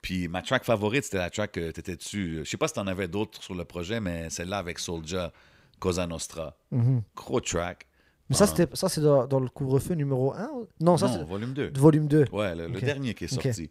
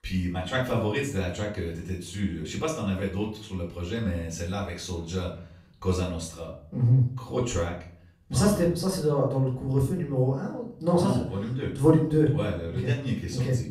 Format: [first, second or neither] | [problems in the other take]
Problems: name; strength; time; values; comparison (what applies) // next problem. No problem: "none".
first | off-mic speech; far // room echo; slight; dies away in 0.4 s